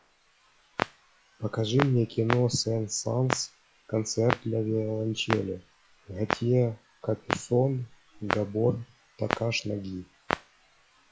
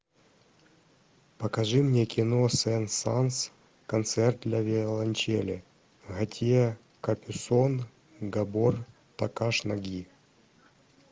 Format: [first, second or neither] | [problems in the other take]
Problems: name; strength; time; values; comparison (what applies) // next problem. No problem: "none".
second | noise reduction (classical method log-MMSE)